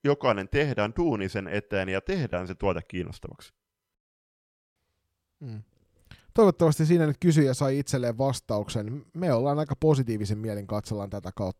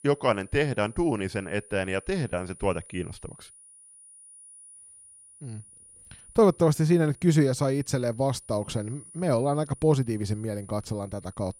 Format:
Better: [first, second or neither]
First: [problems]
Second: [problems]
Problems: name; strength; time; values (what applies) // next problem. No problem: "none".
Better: first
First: none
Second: high-pitched whine; faint; throughout; 9.5 kHz, 20 dB below the speech